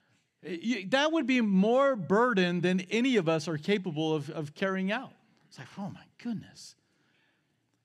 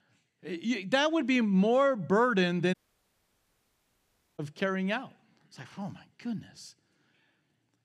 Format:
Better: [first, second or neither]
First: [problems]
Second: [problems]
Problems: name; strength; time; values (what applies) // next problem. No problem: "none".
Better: first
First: none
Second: audio cutting out; at 2.5 s for 1.5 s